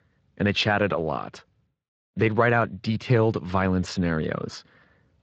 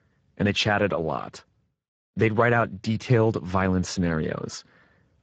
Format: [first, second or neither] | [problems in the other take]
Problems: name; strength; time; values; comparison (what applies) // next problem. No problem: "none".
first | garbled, watery; badly; nothing above 7.5 kHz; slightly in the first